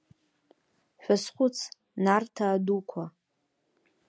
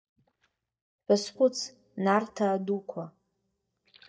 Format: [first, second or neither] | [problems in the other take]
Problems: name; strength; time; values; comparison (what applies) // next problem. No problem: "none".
first | noise reduction (neural mask model DeepFilterNet 3)